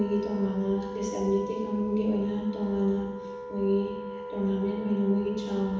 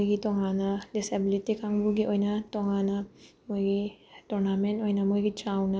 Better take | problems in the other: second | background sound (Wind instrument, woodwind instrument); 10 dB below the speech // room echo; dies away in 1.1 s

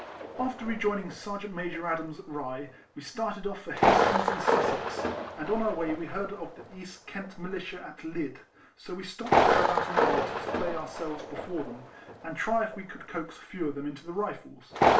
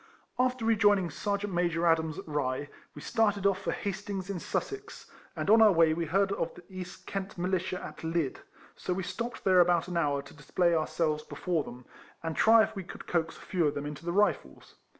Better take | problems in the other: second | background sound (Thunder); 3 dB above the speech // room echo; dies away in 0.2 s

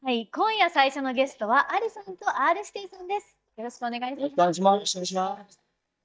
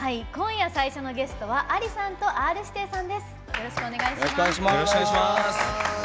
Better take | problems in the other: second | noise reduction (neural mask model DeepFilterNet 3)

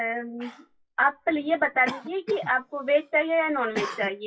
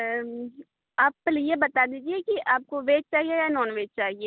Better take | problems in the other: second | noise reduction (classical method WPE with log-MMSE)

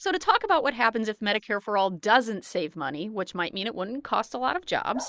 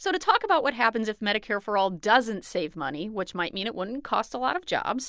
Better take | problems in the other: second | noise reduction (neural mask model Resemble Enhance denoiser)

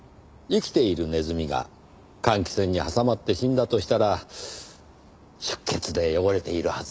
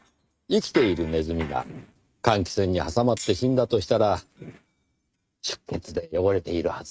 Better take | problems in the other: first | noise reduction (neural mask model RNNoise)

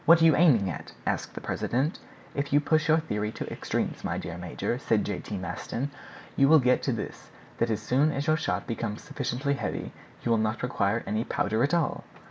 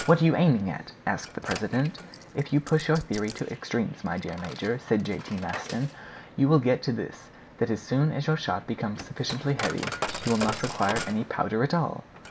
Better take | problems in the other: first | background sound (Coin (dropping)); 12 dB below the speech

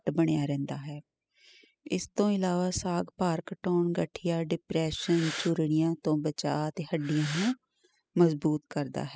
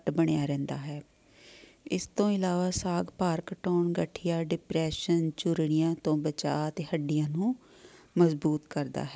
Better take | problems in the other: second | noise reduction (classical method spectral subtraction)

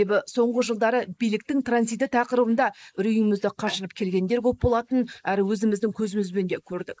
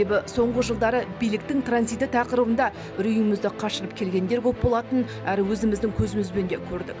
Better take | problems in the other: second | noise reduction (neural mask model Resemble Enhance denoiser)

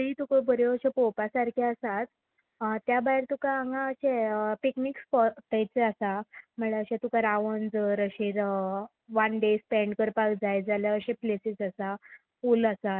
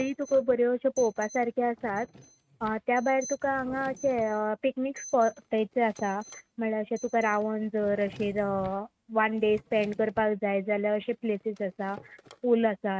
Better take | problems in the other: first | noise reduction (neural mask model RNNoise)

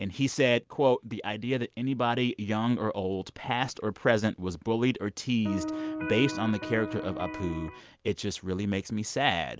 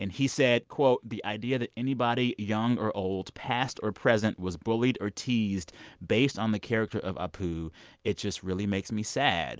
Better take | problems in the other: second | background sound (Electric guitar); 6 dB below the speech

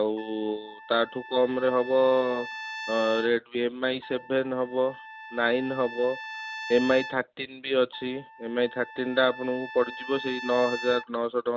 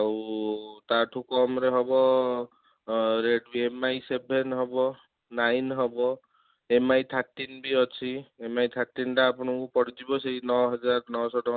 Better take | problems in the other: second | background sound (Trumpet); 13 dB below the speech

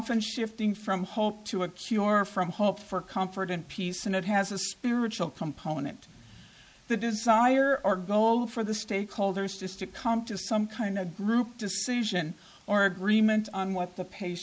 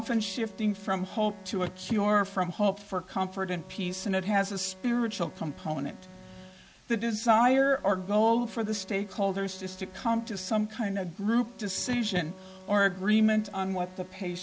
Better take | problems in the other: first | background sound (Bowed string instrument + Car); 19 dB below the speech

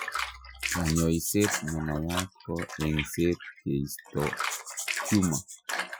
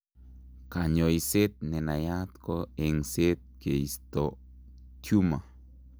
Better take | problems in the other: second | noise reduction (classical method Wiener filter)

